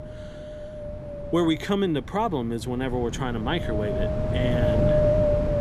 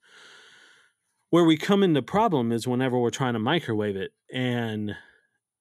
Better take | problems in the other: second | wind noise on the microphone; heavy; 3 dB above the speech

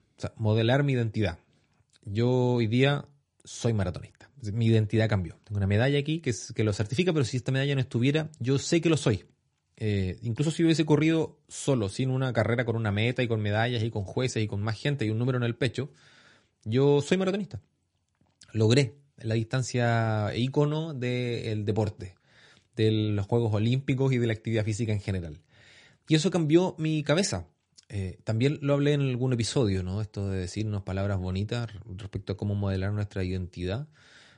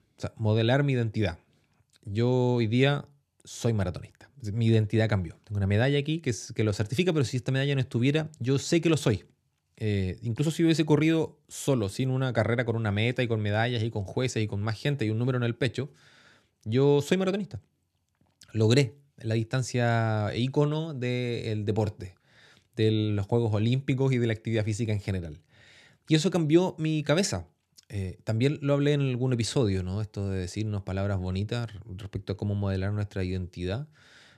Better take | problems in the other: second | garbled, watery; slightly; nothing above 10.5 kHz

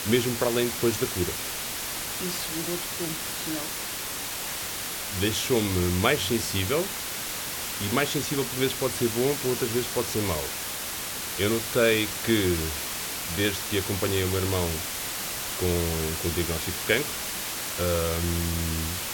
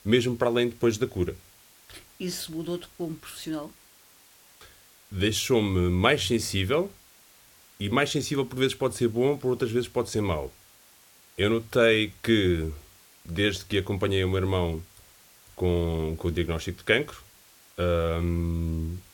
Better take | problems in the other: second | hiss; loud; throughout; 2 dB below the speech; faint in the second

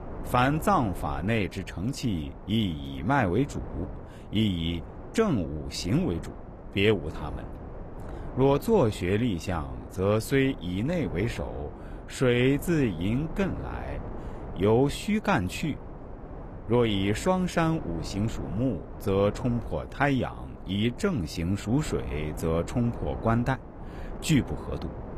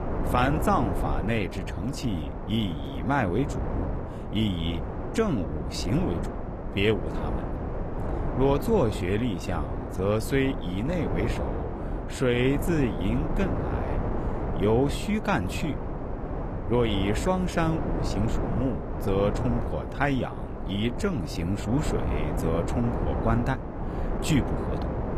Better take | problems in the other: first | wind noise on the microphone; heavy; 6 dB below the speech; occasional gusts in the first

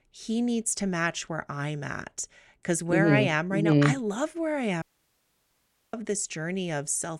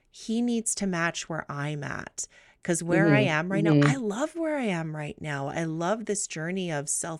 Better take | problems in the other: second | audio cutting out; at 5 s for 1 s

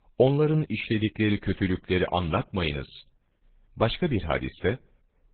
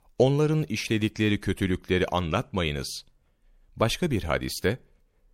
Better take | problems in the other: second | garbled, watery; badly; nothing above 3.5 kHz

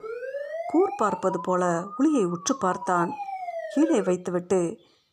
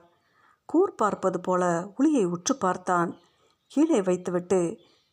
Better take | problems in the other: second | siren; noticeable; until 4 s; peak 8 dB below the speech

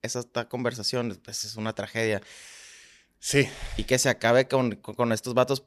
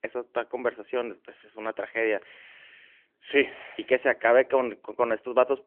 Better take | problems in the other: first | phone-call audio; nothing above 3 kHz

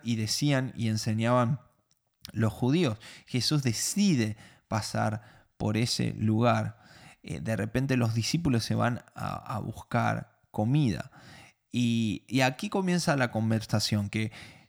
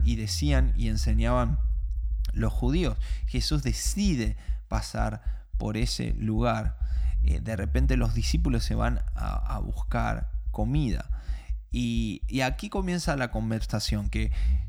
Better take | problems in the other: first | low rumble; faint; throughout; 20 dB below the speech

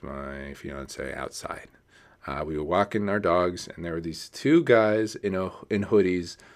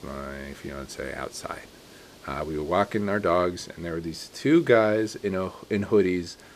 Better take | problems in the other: first | hiss; faint; throughout; 25 dB below the speech

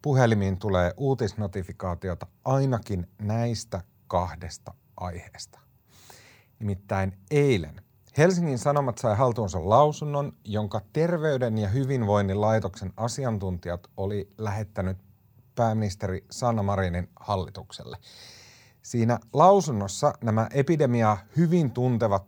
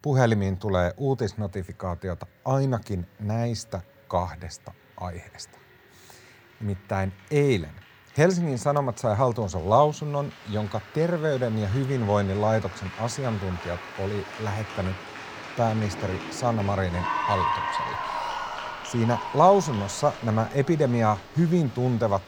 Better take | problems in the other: first | crowd noise; loud; throughout; 9 dB below the speech

